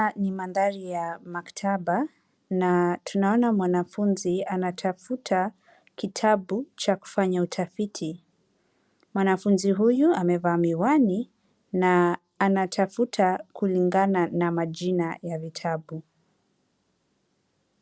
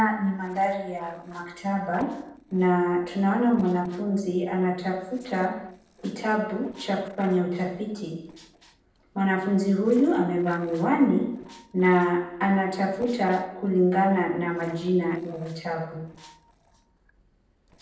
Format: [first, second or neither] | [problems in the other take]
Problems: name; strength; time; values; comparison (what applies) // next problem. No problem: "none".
first | noise reduction (neural separator model SepFormer DNS4)